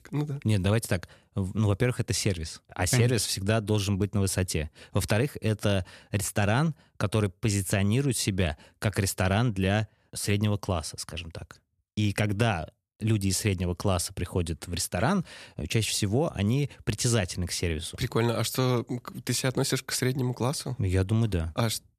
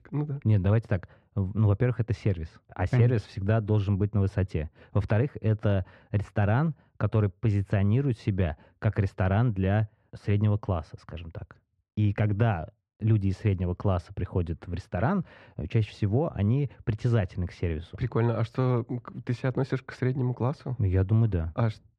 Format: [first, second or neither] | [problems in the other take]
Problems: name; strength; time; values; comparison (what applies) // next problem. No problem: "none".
first | muffled; very; fading above 1.5 kHz